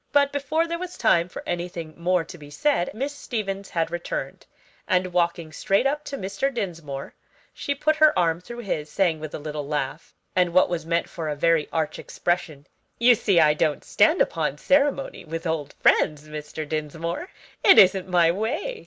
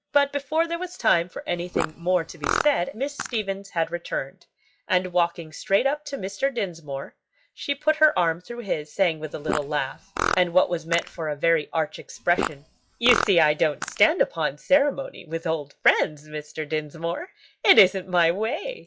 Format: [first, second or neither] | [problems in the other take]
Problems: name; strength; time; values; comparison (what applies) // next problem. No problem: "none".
first | noise reduction (classical method log-MMSE)